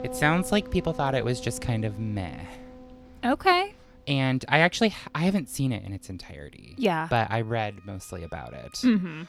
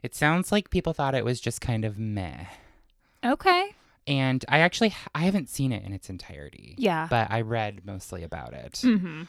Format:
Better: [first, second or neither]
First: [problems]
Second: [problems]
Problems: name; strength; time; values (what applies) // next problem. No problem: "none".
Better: second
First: background music; noticeable; throughout; 15 dB below the speech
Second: none